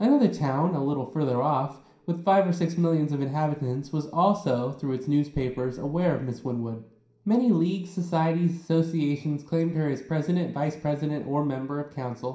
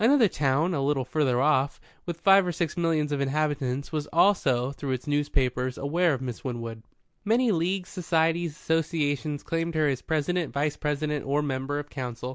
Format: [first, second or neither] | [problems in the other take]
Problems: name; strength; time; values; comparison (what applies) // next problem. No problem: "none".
second | room echo; dies away in 0.5 s